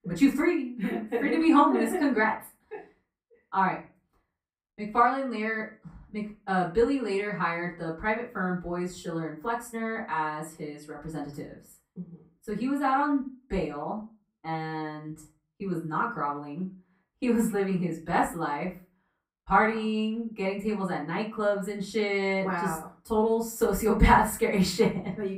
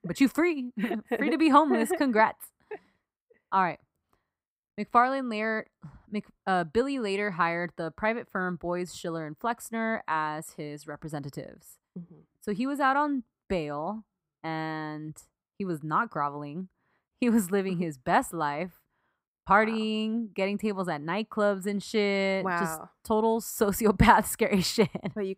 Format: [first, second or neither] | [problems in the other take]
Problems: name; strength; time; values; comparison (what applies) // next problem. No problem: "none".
second | room echo; slight; dies away in 0.3 s // off-mic speech; far